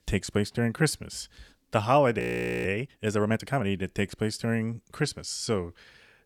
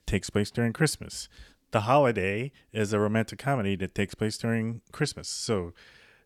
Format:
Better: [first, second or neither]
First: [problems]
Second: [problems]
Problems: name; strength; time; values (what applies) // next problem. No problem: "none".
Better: second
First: audio freezing; at 2 s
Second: none